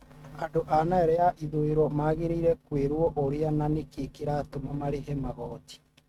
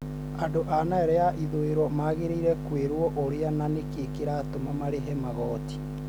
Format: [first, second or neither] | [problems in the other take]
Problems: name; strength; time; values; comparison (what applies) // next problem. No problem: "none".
second | noise reduction (neural mask model RNNoise)